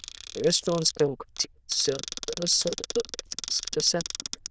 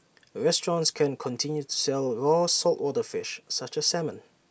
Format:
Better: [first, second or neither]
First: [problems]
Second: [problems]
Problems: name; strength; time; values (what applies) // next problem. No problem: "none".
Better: second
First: noise reduction (neural diffusion model UNIVERSE++)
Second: none